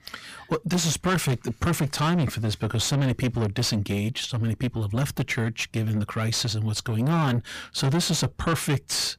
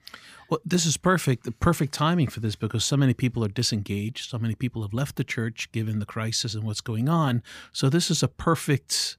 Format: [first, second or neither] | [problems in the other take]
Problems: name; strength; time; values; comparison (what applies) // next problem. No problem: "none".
second | distortion; heavy; 7 dB below the speech